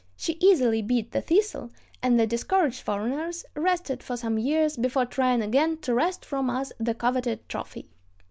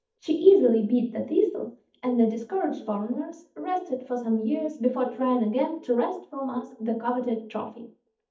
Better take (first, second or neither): first